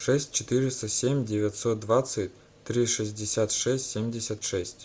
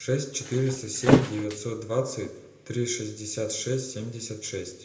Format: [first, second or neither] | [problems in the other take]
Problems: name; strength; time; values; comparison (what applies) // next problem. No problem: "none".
first | background sound (Thump, thud); 2 dB above the speech // room echo; dies away in 0.8 s